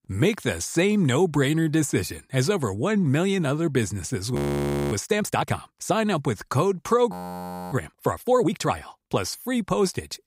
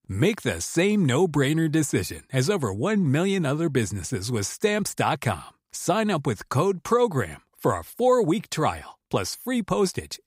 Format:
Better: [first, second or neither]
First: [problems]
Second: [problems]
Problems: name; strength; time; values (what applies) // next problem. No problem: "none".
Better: second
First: audio freezing; at 4.5 s for 0.5 s and at 7 s for 0.5 s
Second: none